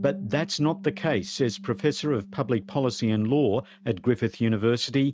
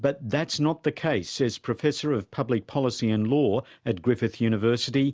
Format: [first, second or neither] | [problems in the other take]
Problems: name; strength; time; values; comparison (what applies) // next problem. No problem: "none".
second | noise reduction (neural mask model RNNoise)